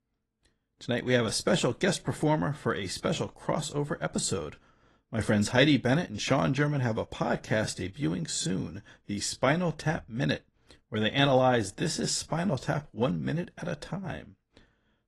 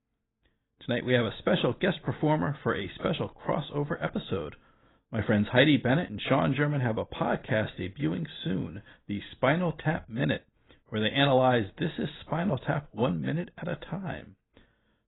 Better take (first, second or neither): first